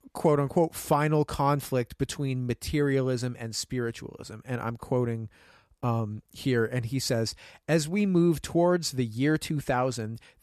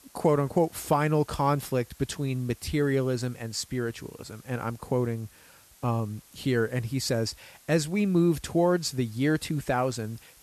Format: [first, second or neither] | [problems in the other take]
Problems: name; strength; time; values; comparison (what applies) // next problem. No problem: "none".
first | hiss; faint; throughout; 25 dB below the speech